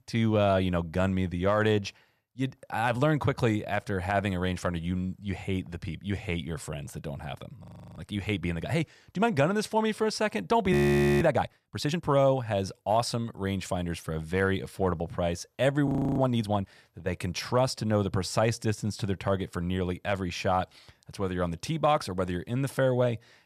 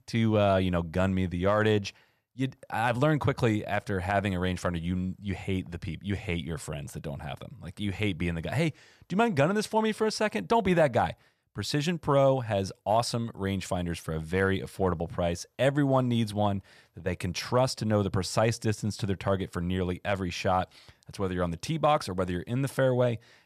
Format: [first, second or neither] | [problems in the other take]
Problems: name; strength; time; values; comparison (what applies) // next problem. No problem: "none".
second | audio freezing; at 7.5 s, at 11 s and at 16 s